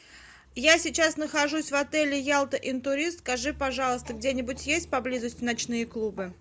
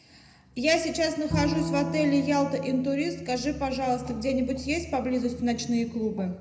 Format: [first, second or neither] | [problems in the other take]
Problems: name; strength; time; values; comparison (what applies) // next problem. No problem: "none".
first | background sound (Bowed string instrument); 9 dB below the speech // room echo; dies away in 0.7 s